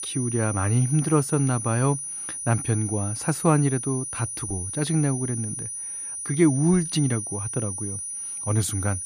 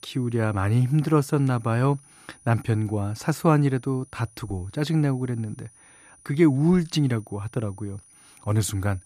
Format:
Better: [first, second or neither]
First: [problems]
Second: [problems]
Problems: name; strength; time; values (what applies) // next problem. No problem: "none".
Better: second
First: high-pitched whine; loud; throughout; 9.5 kHz, 5 dB below the speech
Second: high-pitched whine; faint; throughout; 9.5 kHz, 25 dB below the speech